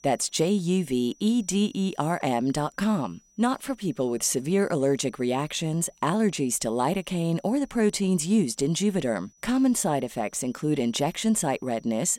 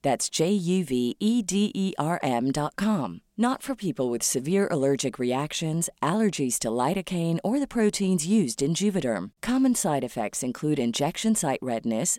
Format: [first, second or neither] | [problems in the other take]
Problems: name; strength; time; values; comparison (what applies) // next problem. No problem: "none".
second | high-pitched whine; faint; throughout; 6 kHz, 30 dB below the speech